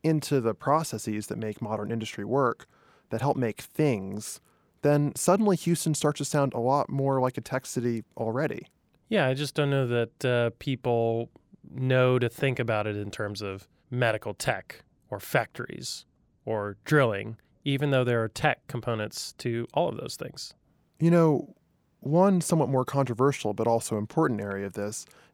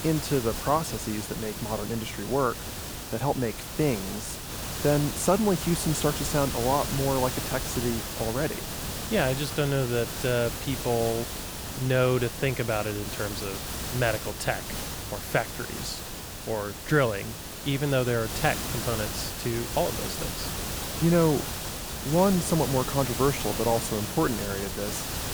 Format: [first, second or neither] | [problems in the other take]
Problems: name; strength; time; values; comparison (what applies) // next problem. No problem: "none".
first | hiss; loud; throughout; 5 dB below the speech